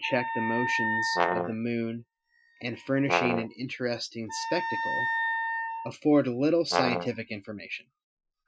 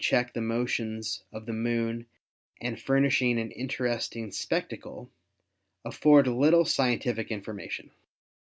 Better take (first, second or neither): second